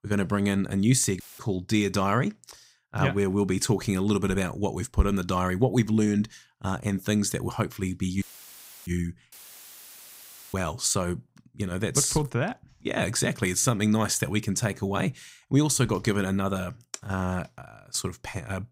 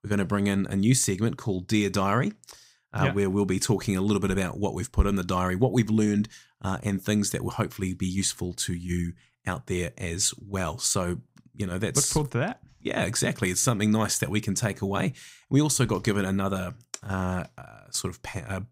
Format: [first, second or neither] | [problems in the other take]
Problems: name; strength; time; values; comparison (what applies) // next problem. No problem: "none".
second | audio cutting out; filled with static; at 1 s, at 8 s for 0.5 s and at 9.5 s for 1 s